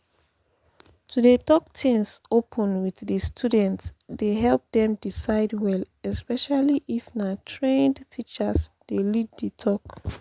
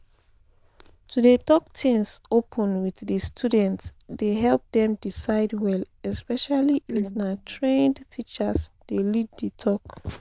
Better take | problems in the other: first | noise reduction (neural diffusion model UNIVERSE++)

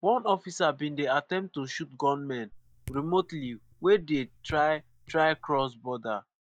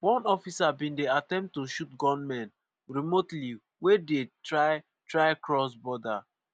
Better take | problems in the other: second | noise reduction (neural mask model DeepFilterNet 3)

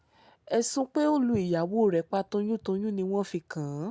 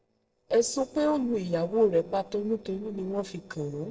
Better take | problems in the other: first | noise reduction (neural separator model SepFormer DNS4)

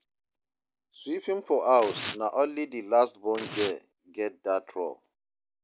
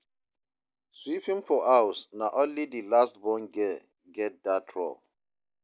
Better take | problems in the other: second | background sound (Tearing); 12 dB below the speech

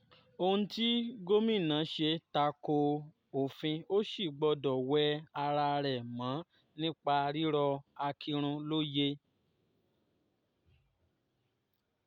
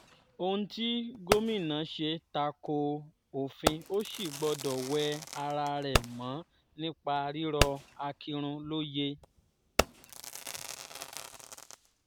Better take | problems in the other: first | background sound (Fireworks); 3 dB below the speech

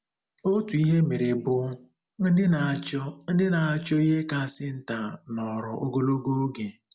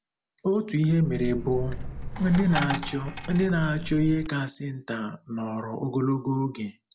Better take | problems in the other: first | background sound (Coin (dropping)); 7 dB below the speech

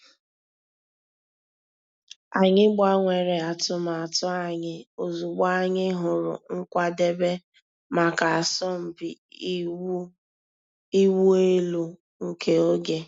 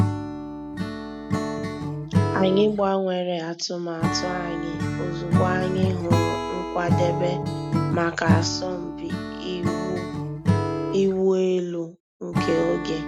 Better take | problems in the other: first | background sound (Acoustic guitar / Strum); as loud as the speech

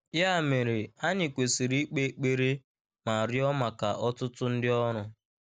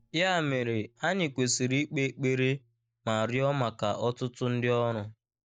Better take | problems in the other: first | noise reduction (neural mask model DeepFilterNet 3)

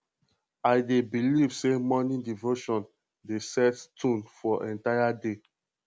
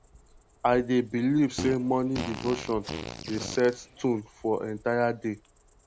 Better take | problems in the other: first | background sound (Fart + Cricket); 13 dB below the speech

